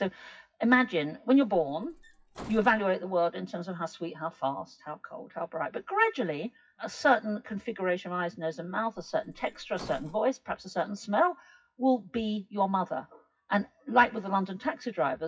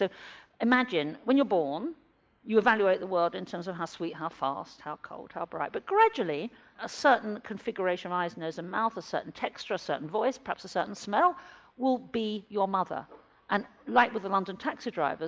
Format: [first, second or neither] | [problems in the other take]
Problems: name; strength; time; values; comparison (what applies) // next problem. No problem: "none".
second | noise reduction (classical method WPE with log-MMSE)